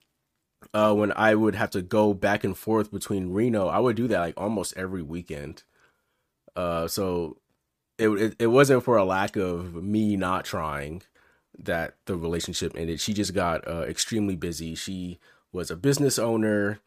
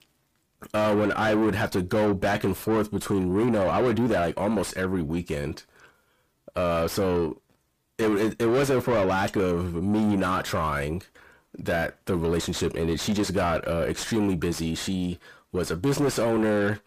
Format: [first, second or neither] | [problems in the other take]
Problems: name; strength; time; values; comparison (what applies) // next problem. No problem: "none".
first | distortion; heavy; 6 dB below the speech